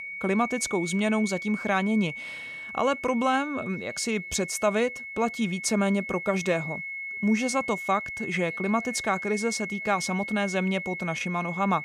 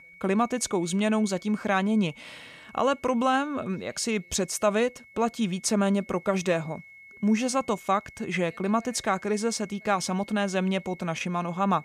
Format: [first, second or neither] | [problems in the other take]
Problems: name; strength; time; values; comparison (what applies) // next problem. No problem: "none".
second | high-pitched whine; loud; throughout; 2 kHz, 7 dB below the speech; faint in the second